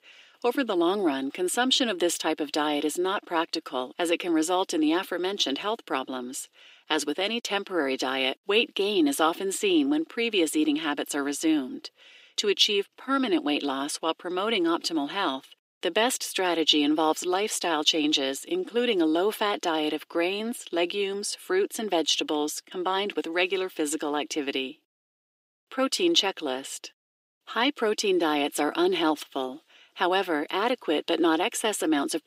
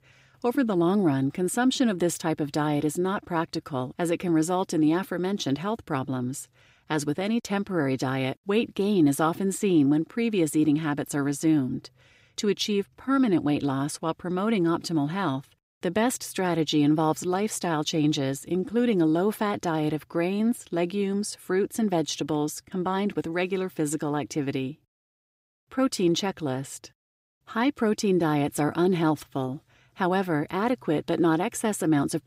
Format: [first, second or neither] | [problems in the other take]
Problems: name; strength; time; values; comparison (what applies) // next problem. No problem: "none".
second | thin; somewhat; fading below 300 Hz